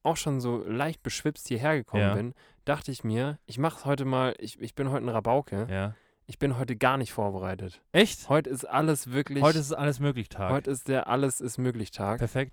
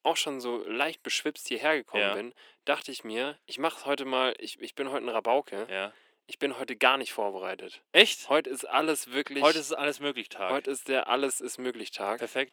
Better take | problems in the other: first | thin; somewhat; fading below 300 Hz

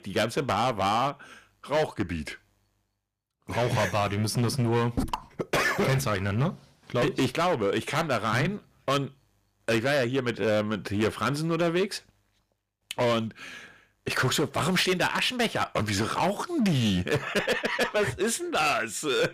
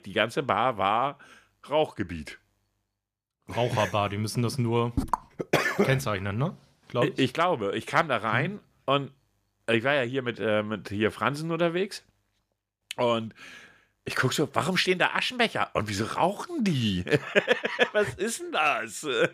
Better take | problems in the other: second | distortion; heavy; 11% of the sound clipped

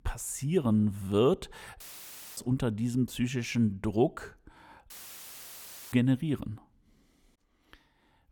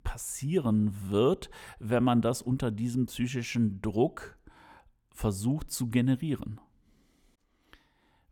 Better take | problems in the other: second | audio cutting out; filled with static; at 2 s for 0.5 s and at 5 s for 1 s

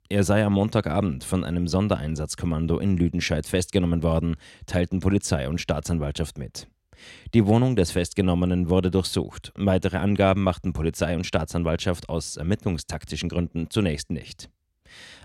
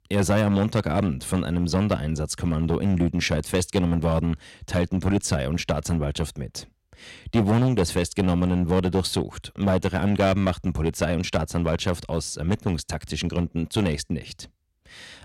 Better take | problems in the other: first | distortion; slight; 4% of the sound clipped

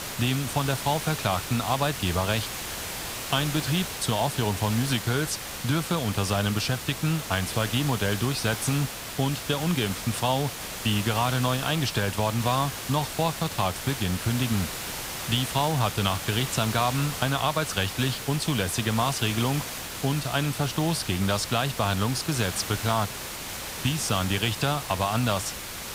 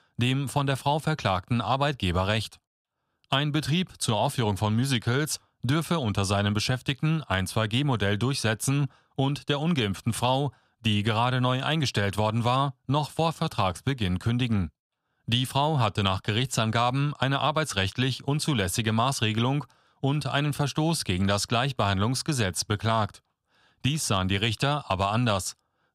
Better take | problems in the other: second | hiss; loud; throughout; 6 dB below the speech

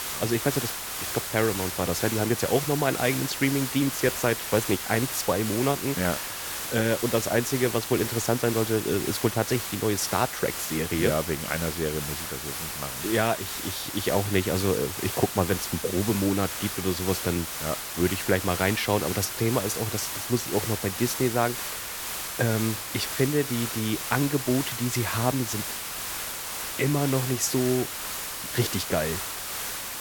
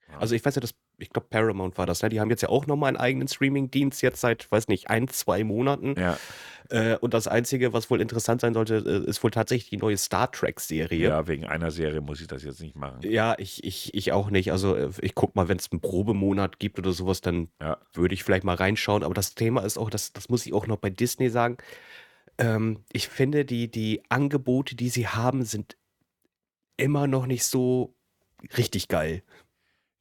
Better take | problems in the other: second | hiss; loud; throughout; 4 dB below the speech

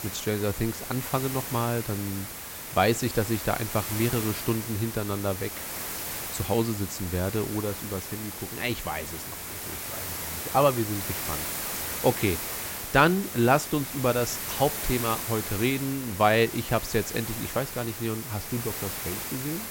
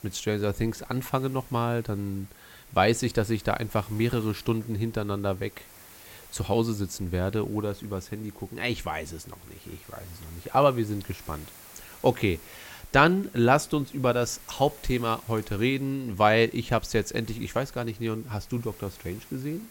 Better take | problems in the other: second | hiss; loud; throughout; 5 dB below the speech; faint in the second

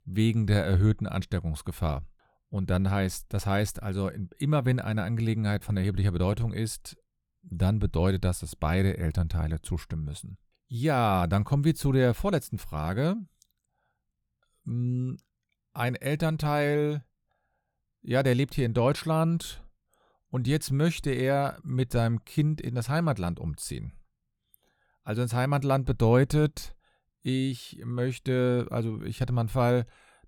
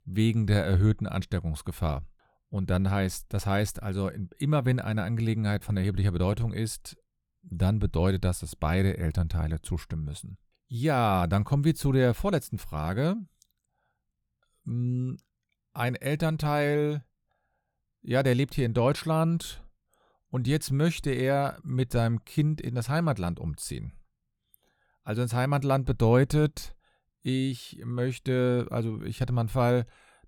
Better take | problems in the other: neither | none

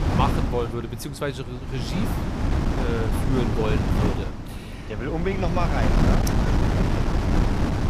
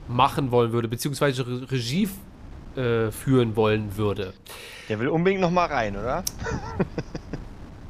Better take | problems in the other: second | wind noise on the microphone; heavy; as loud as the speech; occasional gusts in the second

